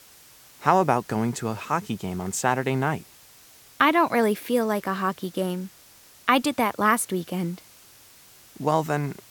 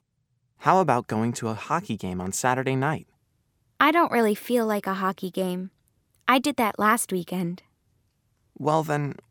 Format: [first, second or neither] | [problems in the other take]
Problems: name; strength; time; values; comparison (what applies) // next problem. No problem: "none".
second | hiss; faint; throughout; 25 dB below the speech